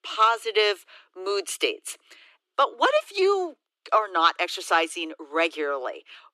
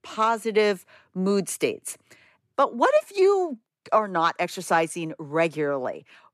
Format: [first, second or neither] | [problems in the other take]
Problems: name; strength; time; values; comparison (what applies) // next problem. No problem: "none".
second | thin; very; fading below 300 Hz